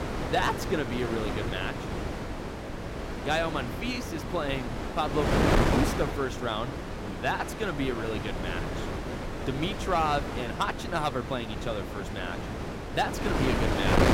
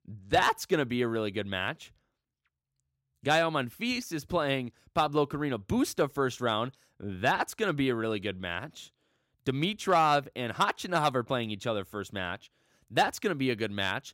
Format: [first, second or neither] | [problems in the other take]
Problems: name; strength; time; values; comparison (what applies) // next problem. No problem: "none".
second | wind noise on the microphone; heavy; 3 dB below the speech